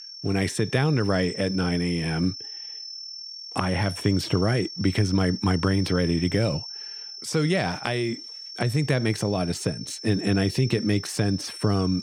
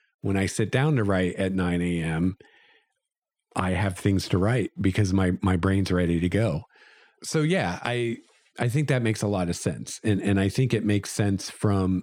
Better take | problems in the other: second | high-pitched whine; noticeable; throughout; 5.5 kHz, 10 dB below the speech

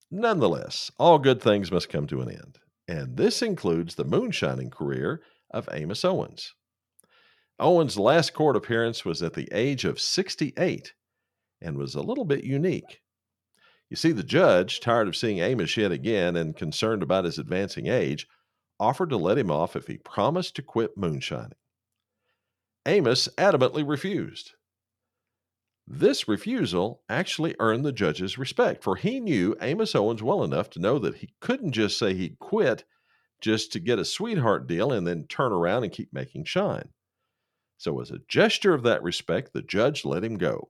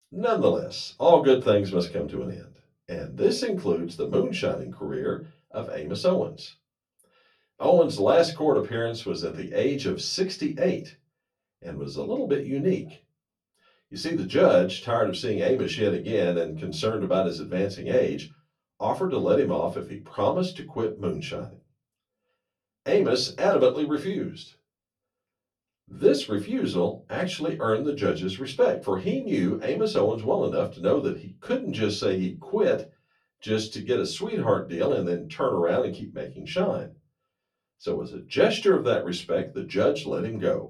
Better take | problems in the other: first | off-mic speech; far // room echo; very slight; dies away in 0.2 s

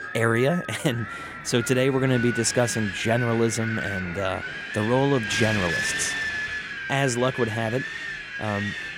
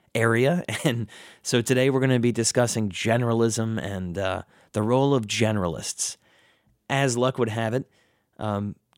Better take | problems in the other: second | wind noise on the microphone; heavy; 2 dB below the speech

